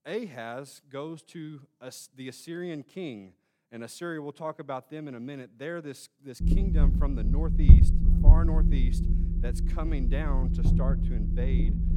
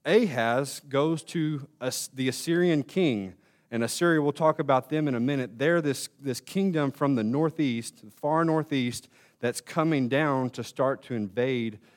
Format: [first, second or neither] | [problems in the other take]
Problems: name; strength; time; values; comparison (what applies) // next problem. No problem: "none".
second | low rumble; loud; from 6.5 s on; 1 dB below the speech